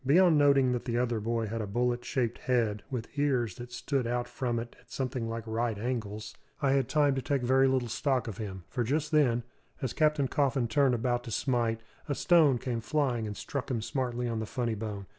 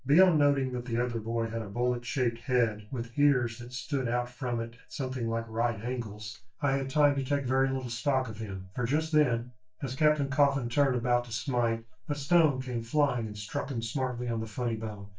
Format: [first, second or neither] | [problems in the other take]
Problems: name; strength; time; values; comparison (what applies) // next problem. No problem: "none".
first | noise reduction (neural mask model DeepFilterNet 3)